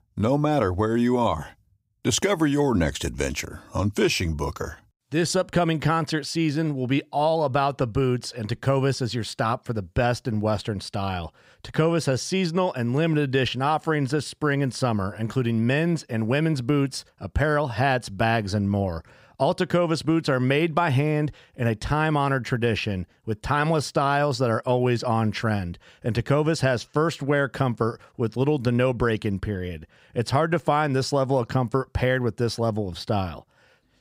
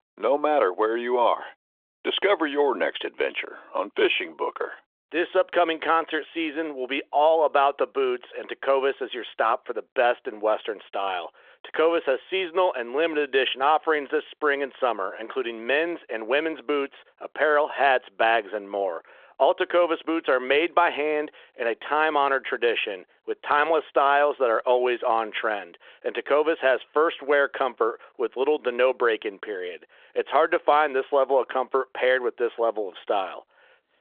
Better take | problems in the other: first | phone-call audio; nothing above 3.5 kHz

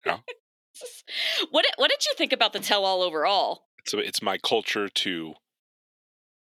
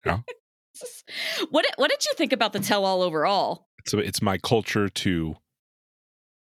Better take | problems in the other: second | thin; somewhat; fading below 350 Hz

